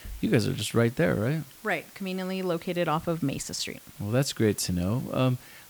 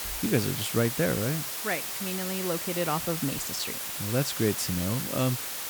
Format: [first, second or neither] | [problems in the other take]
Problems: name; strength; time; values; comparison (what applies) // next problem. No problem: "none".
first | hiss; loud; throughout; 1 dB below the speech; faint in the first